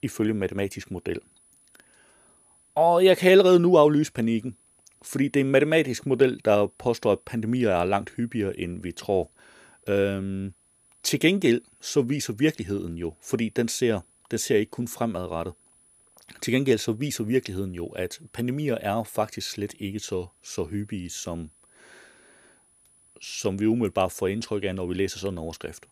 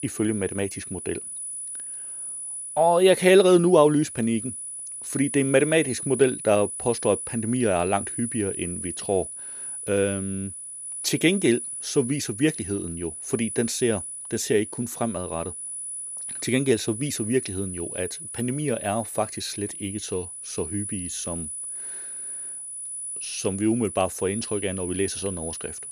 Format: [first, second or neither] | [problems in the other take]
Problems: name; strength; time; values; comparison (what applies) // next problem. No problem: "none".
first | high-pitched whine; loud; throughout; 10 kHz, 7 dB below the speech; faint in the first